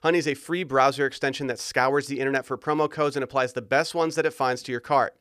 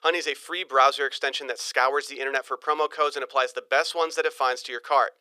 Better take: first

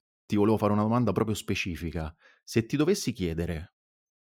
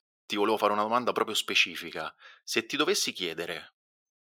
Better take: first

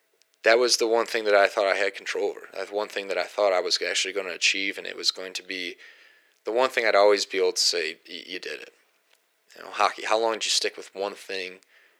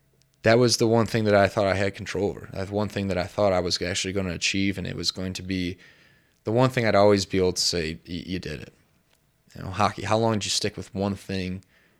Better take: second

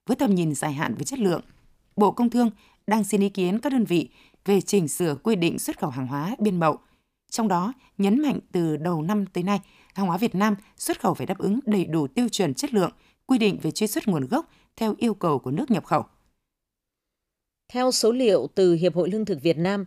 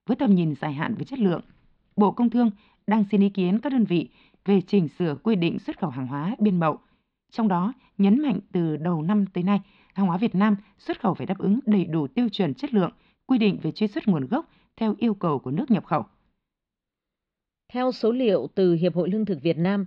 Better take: first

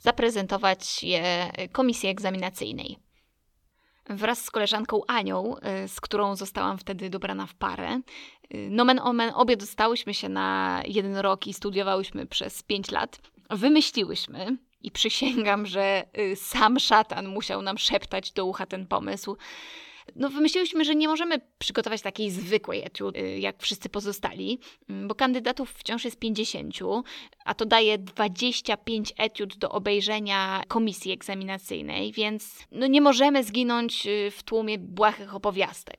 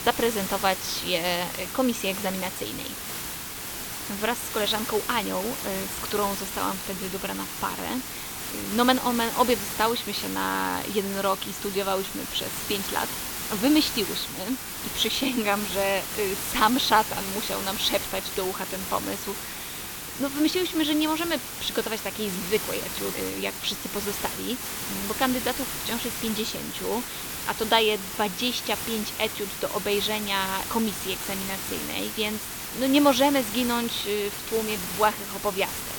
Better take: first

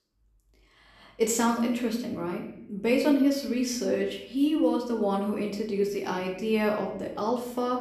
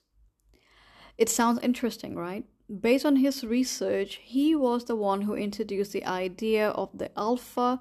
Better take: second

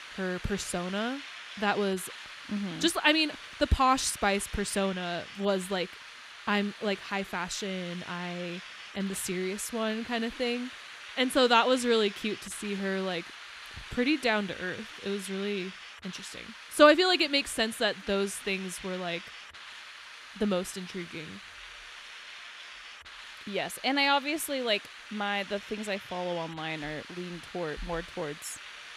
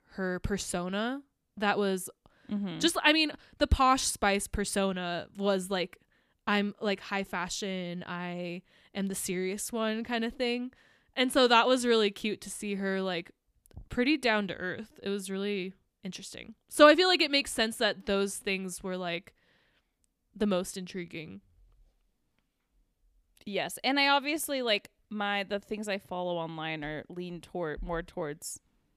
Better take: second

